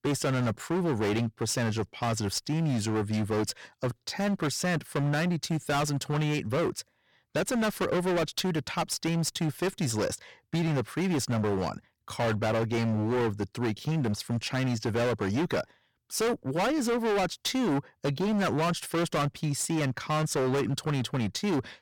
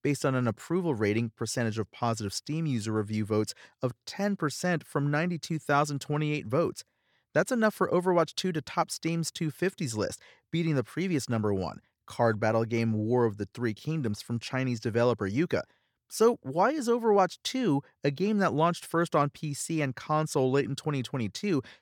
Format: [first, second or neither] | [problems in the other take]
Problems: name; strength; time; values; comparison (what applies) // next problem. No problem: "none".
second | distortion; heavy; 25% of the sound clipped